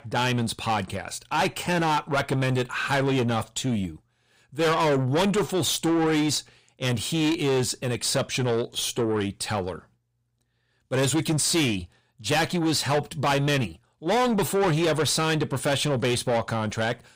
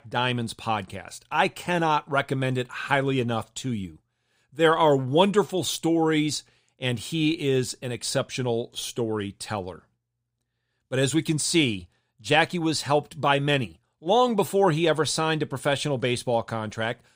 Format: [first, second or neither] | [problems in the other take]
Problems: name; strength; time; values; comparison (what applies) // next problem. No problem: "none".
second | distortion; heavy; 7 dB below the speech